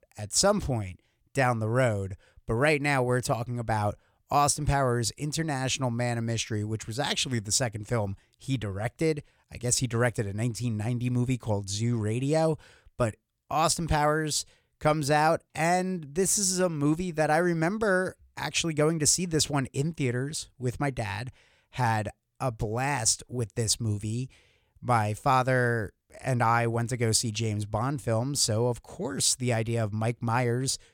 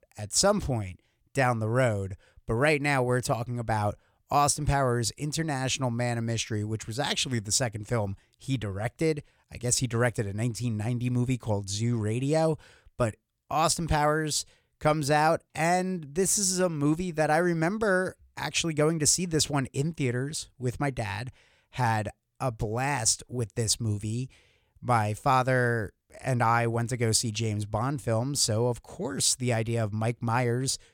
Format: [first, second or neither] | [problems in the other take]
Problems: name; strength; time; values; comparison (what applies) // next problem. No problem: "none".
neither | none